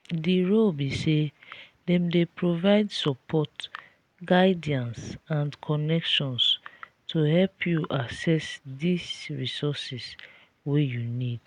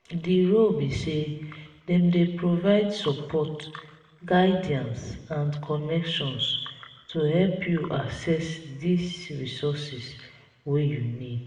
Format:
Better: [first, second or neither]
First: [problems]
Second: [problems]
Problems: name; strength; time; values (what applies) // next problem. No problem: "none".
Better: first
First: none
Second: room echo; dies away in 1 s